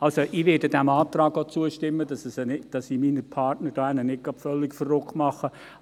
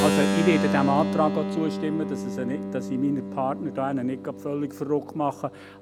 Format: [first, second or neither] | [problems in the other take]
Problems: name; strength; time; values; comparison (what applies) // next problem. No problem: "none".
first | background sound (Keyboard (musical)); 2 dB below the speech